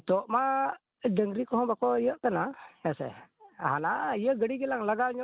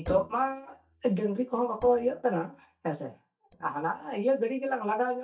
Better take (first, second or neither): first